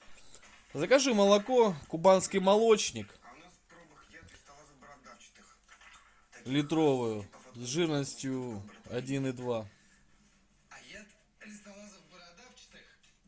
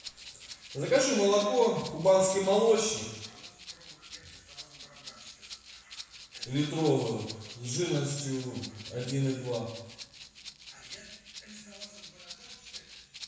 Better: first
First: none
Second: background sound (Rattle (instrument)); 16 dB below the speech // room echo; dies away in 1 s

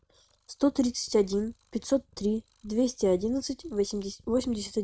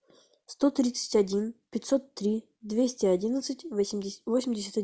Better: second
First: noise reduction (neural mask model RNNoise)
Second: none

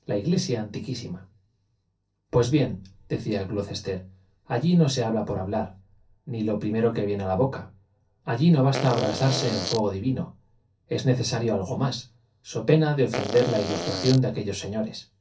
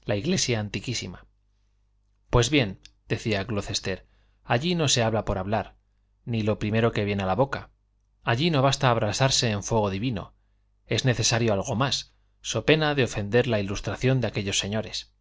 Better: second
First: background sound (Fart); 5 dB below the speech // room echo; dies away in 0.3 s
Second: none

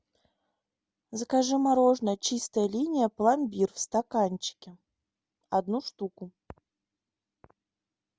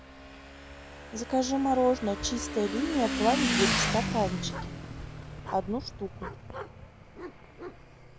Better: first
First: none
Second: background sound (Motorcycle / Engine); 3 dB below the speech

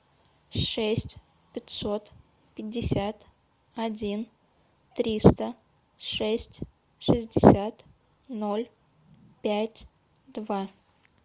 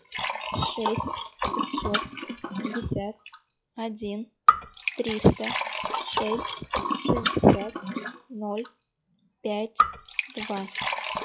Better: first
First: none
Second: noise reduction (classical method log-MMSE)

